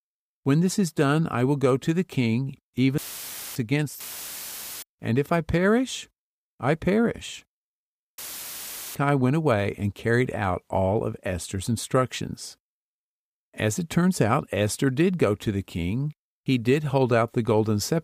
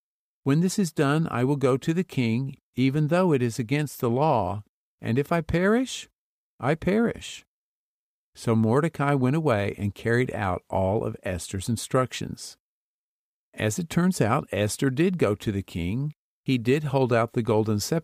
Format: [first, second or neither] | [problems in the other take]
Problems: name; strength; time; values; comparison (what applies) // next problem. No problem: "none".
second | audio cutting out; filled with static; at 3 s for 0.5 s, at 4 s for 1 s and at 8 s for 1 s